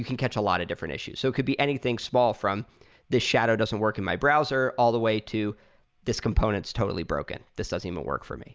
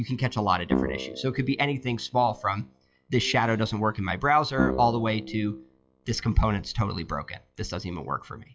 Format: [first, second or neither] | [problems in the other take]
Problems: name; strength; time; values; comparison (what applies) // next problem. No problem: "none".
first | noise reduction (classical method WPE with log-MMSE)